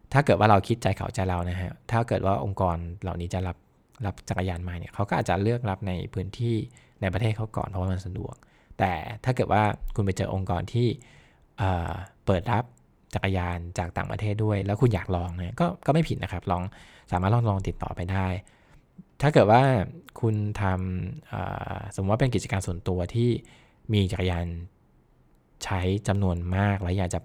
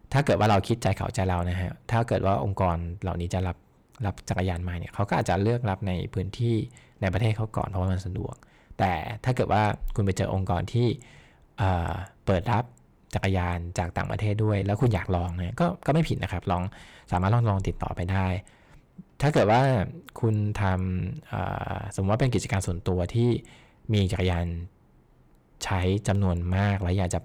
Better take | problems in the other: first | distortion; slight; 10 dB below the speech

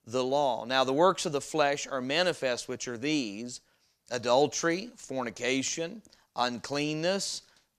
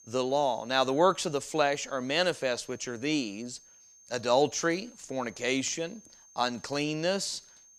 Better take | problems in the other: first | high-pitched whine; faint; throughout; 6.5 kHz, 25 dB below the speech

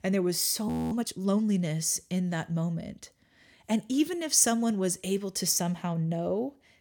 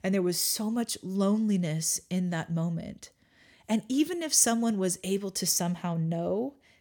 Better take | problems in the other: second | audio freezing; at 0.5 s

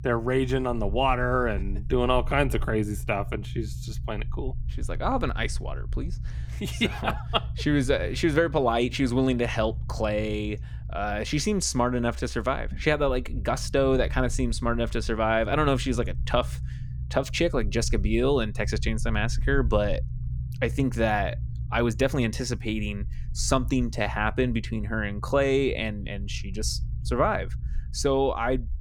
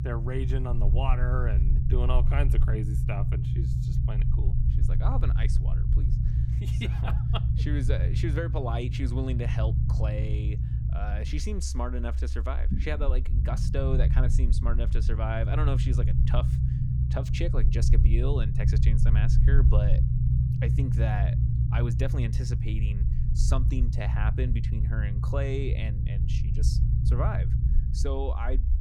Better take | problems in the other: first | low rumble; loud; throughout; 4 dB below the speech; faint in the first

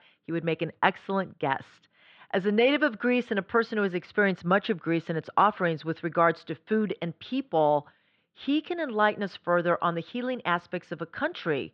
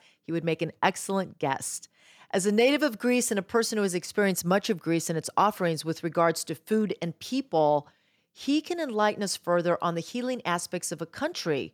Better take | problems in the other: second | muffled; very; fading above 3.5 kHz

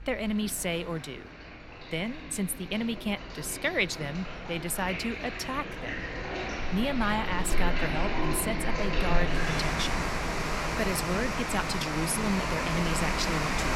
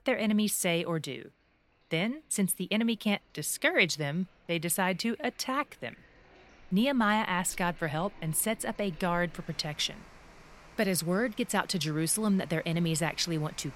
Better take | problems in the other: second | rain or running water; loud; throughout; as loud as the speech; faint in the second

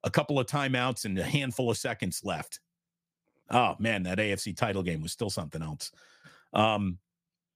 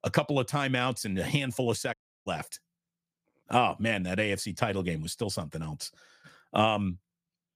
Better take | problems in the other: first | audio cutting out; at 2 s

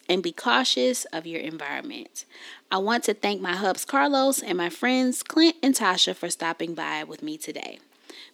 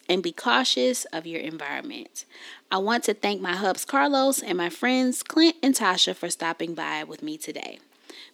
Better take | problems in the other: neither | thin; very slightly; fading below 250 Hz; the same in both

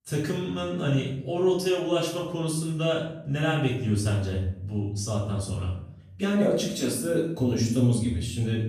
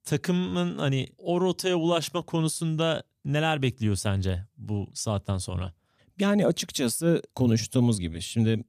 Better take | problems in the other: second | off-mic speech; far // room echo; noticeable; dies away in 0.7 s

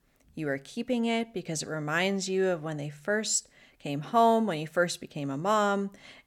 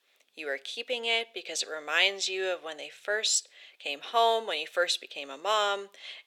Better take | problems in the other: first | thin; very; fading below 450 Hz

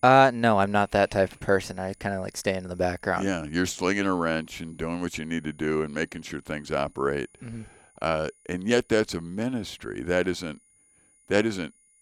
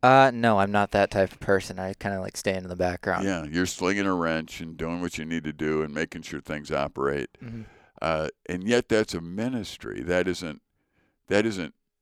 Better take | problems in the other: second | high-pitched whine; faint; throughout; 9.5 kHz, 30 dB below the speech

